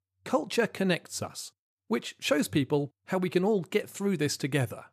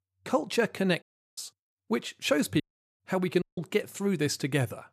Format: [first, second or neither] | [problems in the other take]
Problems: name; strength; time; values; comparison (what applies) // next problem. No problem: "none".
first | audio cutting out; at 1 s, at 2.5 s and at 3.5 s